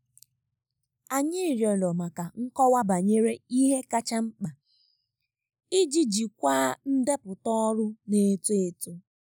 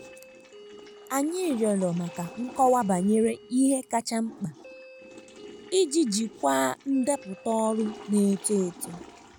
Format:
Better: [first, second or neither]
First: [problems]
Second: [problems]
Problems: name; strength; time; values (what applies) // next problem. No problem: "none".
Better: first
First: none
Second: background sound (Doorbell + Toilet flush / Water); 19 dB below the speech